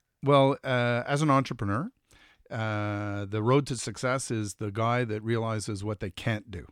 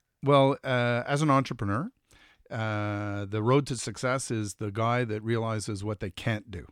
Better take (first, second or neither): neither